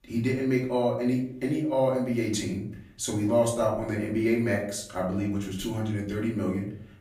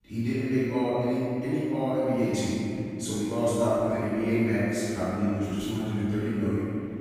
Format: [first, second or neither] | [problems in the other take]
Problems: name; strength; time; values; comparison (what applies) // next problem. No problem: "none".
first | room echo; strong; dies away in 2.8 s; slight in the first // off-mic speech; far; far in the first